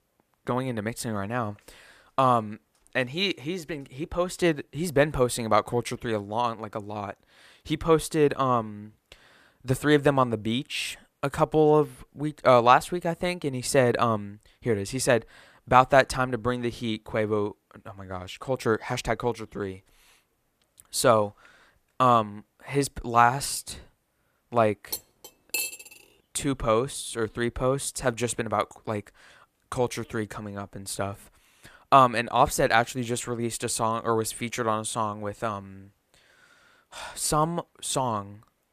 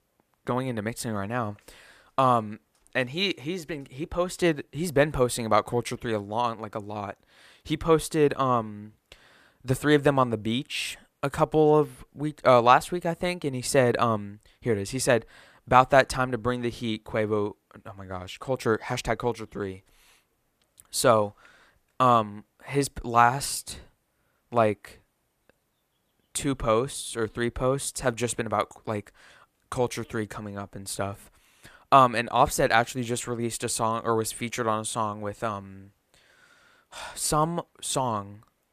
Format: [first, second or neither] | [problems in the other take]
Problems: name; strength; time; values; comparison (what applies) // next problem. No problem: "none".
second | clattering dishes; noticeable; at 25 s; peak 3 dB below the speech